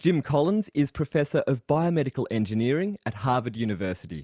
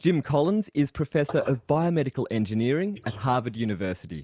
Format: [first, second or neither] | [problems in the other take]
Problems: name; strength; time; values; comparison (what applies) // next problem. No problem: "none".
first | noise reduction (neural mask model Resemble Enhance denoiser)